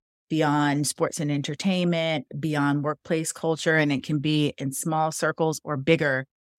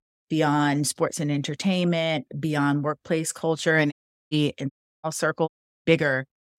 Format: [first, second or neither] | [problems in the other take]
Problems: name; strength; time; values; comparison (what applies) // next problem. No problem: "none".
first | audio cutting out; at 4 s, at 4.5 s and at 5.5 s